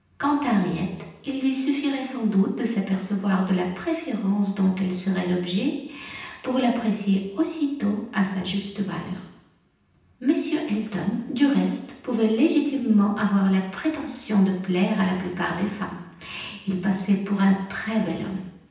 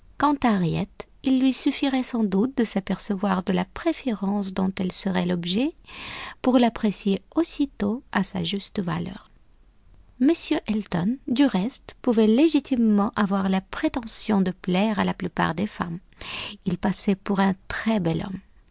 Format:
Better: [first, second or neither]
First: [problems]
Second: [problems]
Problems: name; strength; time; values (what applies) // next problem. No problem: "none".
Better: second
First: room echo; dies away in 0.9 s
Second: none